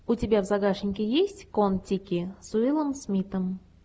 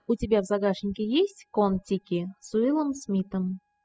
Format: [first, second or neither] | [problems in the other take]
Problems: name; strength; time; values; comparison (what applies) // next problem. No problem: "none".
first | noise reduction (classical method spectral subtraction)